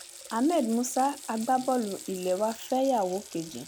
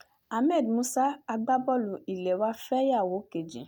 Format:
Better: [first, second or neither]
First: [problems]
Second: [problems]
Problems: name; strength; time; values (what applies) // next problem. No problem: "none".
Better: second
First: background sound (Water tap, faucet); 16 dB below the speech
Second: none